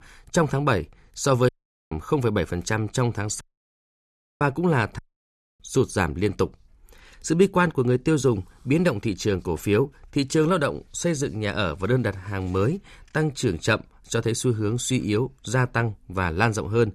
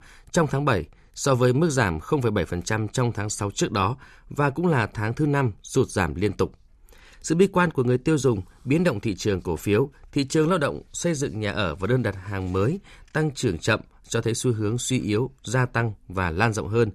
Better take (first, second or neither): second